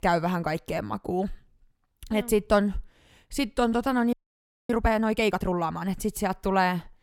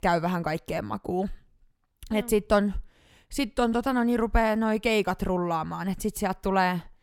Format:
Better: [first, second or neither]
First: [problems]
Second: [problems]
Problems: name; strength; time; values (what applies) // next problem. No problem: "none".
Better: second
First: audio freezing; at 4 s for 0.5 s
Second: none